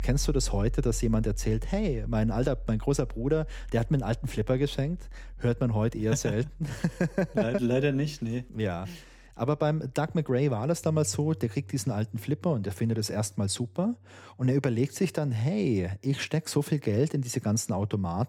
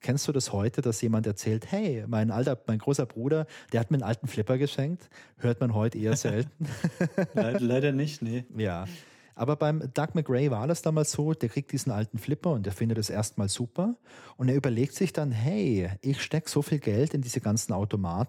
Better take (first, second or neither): second